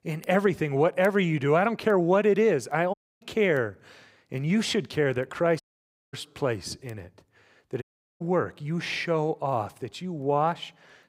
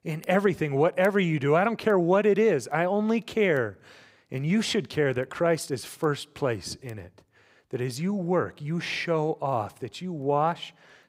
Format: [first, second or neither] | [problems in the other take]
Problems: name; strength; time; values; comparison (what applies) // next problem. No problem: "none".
second | audio cutting out; at 3 s, at 5.5 s for 0.5 s and at 8 s